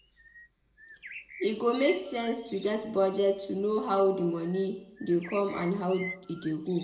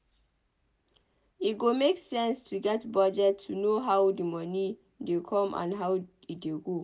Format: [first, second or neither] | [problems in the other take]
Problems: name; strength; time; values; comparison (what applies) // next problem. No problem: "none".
second | background sound (Bird); 17 dB below the speech // room echo; dies away in 0.8 s